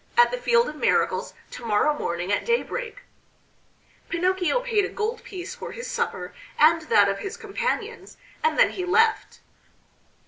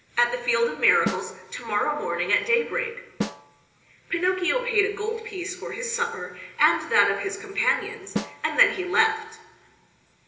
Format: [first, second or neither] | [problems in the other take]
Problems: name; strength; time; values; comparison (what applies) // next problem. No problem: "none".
first | background sound (Snare drum); 10 dB below the speech // room echo; dies away in 1 s